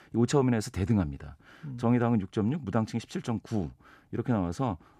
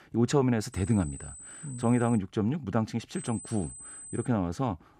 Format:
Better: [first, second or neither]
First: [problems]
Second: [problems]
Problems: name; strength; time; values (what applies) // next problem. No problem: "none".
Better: first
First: none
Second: high-pitched whine; noticeable; from 0.5 to 2 s and from 3 to 4.5 s; 8 kHz, 15 dB below the speech